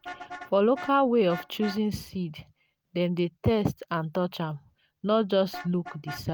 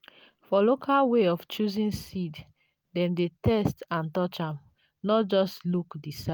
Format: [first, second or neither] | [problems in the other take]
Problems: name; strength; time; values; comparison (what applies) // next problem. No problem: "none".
second | background sound (Vehicle horn, car horn, honking); 18 dB below the speech